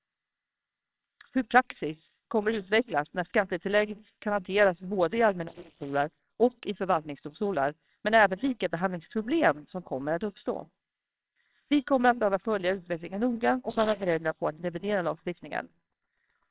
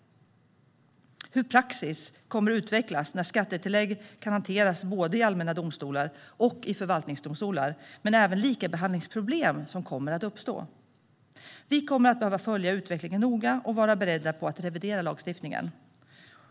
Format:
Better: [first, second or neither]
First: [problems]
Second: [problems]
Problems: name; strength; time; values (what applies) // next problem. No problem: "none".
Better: second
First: noise reduction (neural separator model SepFormer WHAMR!)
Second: none